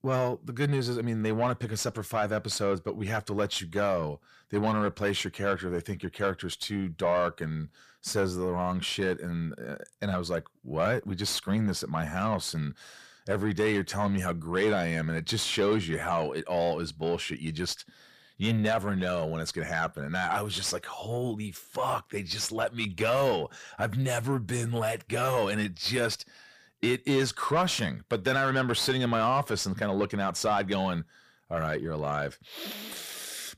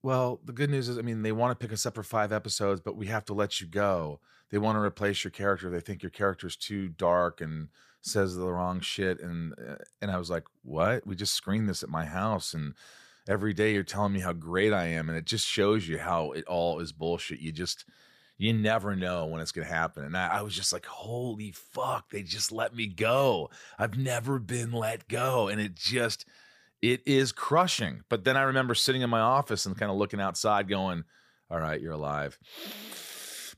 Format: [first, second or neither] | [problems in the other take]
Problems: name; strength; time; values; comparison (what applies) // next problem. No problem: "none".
second | distortion; slight; 10 dB below the speech